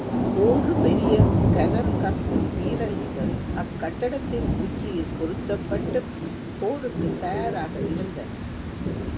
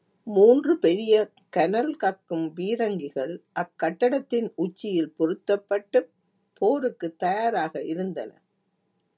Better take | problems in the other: second | background sound (Thunder / Rain); 4 dB above the speech

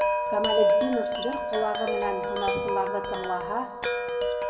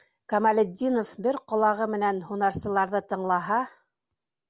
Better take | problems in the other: second | background sound (Wind chime); 4 dB above the speech // room echo; dies away in 1.3 s

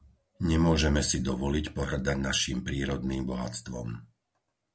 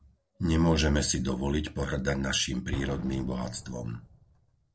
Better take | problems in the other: first | noise reduction (neural separator model SepFormer DNS4)

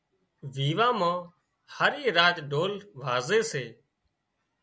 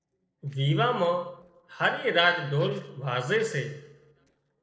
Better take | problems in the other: first | noise reduction (neural separator model SepFormer DNS4)

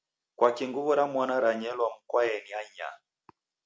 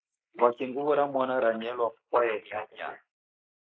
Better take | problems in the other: first | noise reduction (neural mask model Resemble Enhance denoiser)

